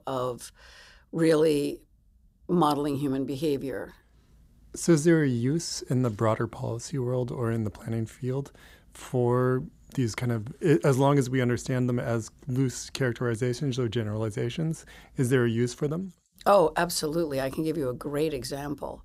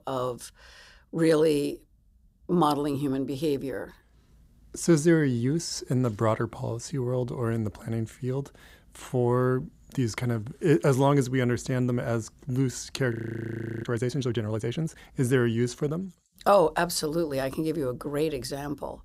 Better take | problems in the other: first | audio freezing; at 13 s for 0.5 s

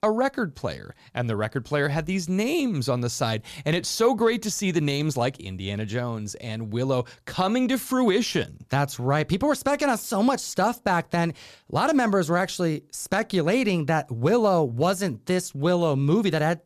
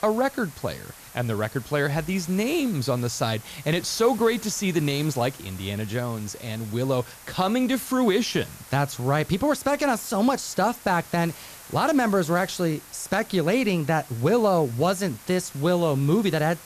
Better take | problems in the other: first | hiss; noticeable; throughout; 20 dB below the speech

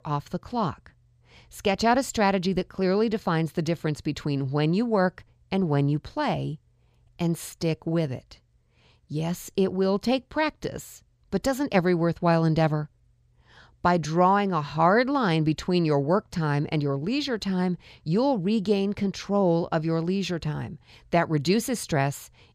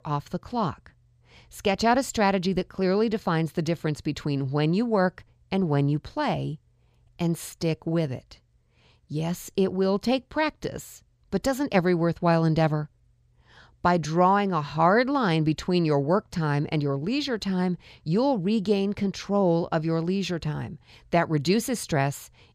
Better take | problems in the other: neither | none

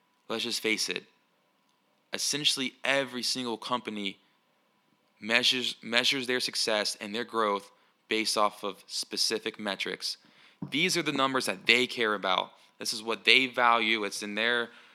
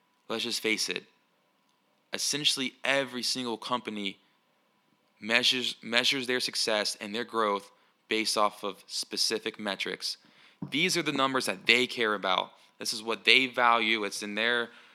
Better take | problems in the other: neither | thin; very slightly; fading below 950 Hz; the same in both

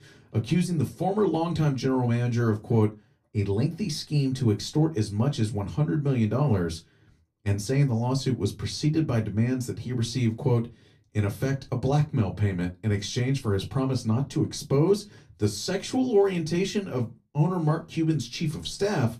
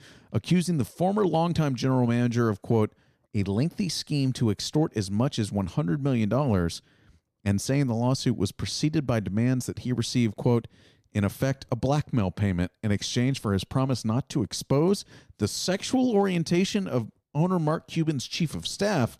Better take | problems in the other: second | off-mic speech; far // room echo; very slight; dies away in 0.2 s

